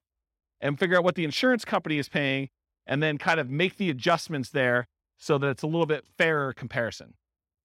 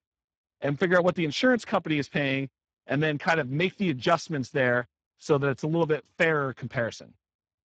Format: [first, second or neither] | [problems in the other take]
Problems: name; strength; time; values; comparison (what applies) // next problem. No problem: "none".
first | garbled, watery; badly; nothing above 7.5 kHz